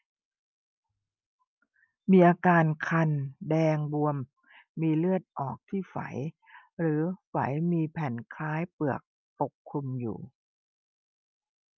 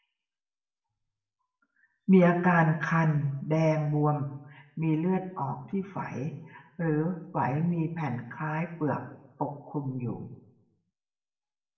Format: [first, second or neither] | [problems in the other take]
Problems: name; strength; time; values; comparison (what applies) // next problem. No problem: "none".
first | room echo; dies away in 0.7 s